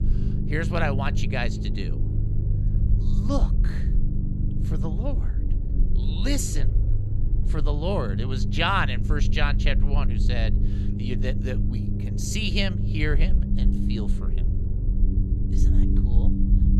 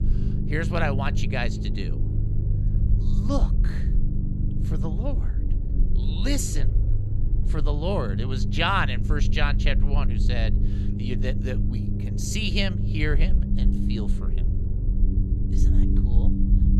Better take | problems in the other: neither | low rumble; loud; throughout; 9 dB below the speech; the same in both

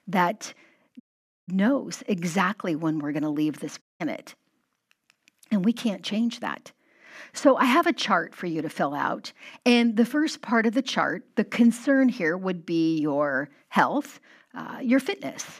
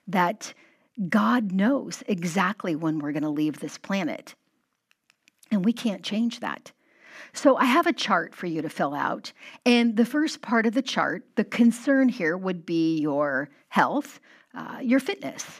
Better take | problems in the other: second | audio cutting out; at 1 s and at 4 s

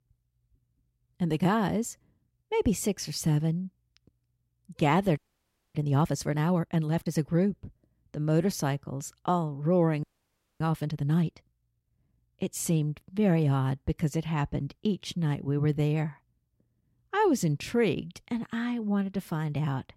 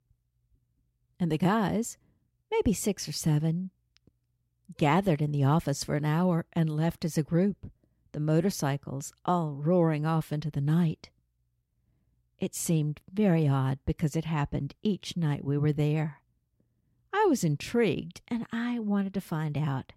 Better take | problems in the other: second | audio freezing; at 5 s for 0.5 s and at 10 s for 0.5 s

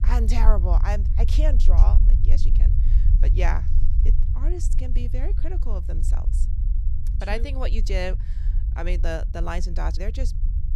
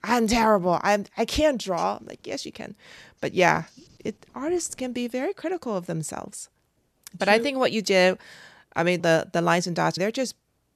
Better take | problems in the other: second | low rumble; noticeable; throughout; 10 dB below the speech

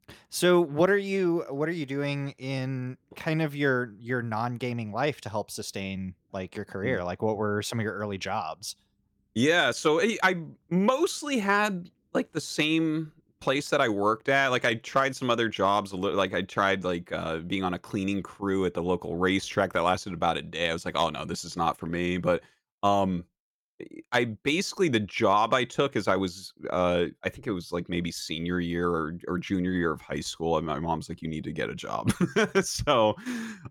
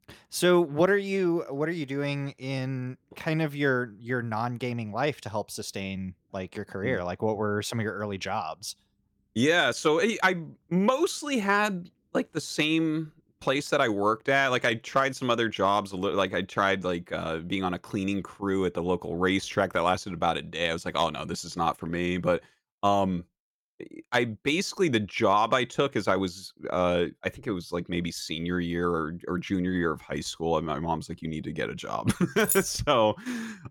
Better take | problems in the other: first | jangling keys; noticeable; at 32 s; peak 1 dB below the speech

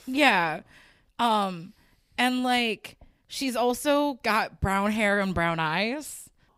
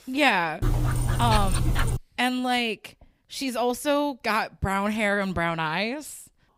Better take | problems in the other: first | dog barking; loud; from 0.5 to 2 s; peak level with the speech

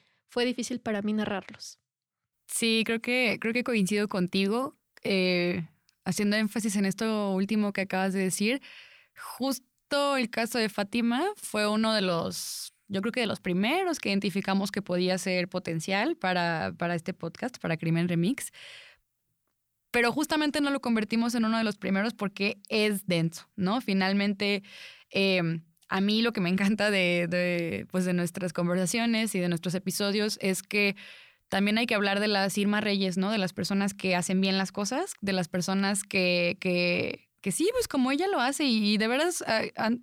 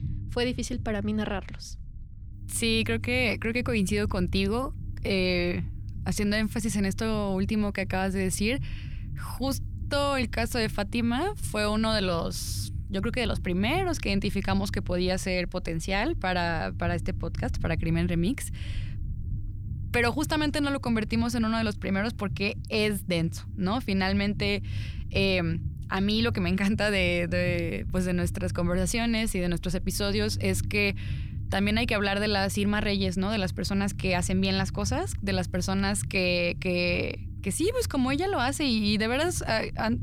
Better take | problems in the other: first | low rumble; faint; throughout; 20 dB below the speech

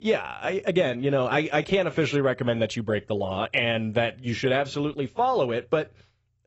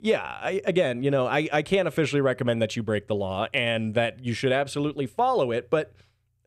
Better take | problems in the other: second | garbled, watery; badly; nothing above 8 kHz

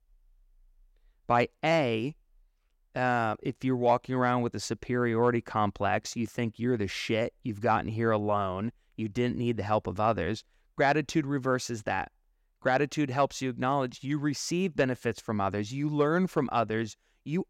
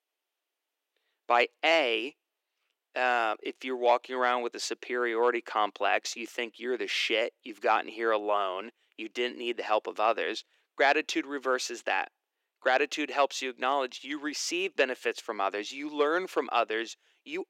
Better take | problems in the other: first | thin; somewhat; fading below 350 Hz

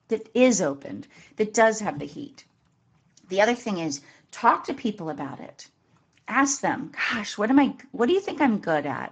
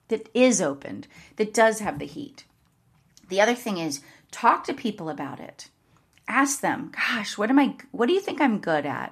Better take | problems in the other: second | garbled, watery; badly; nothing above 7.5 kHz

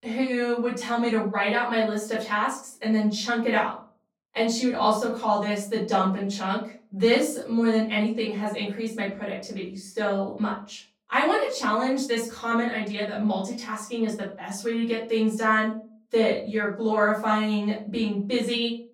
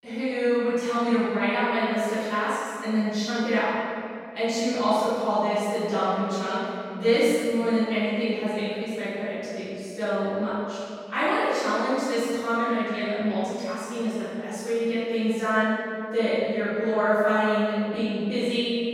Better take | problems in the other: first | room echo; strong; dies away in 2.3 s; slight in the first // off-mic speech; far; far in the first

